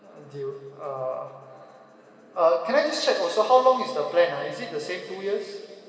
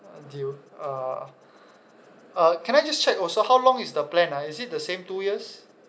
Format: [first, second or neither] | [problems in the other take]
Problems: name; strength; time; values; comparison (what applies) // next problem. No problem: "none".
second | room echo; dies away in 2.4 s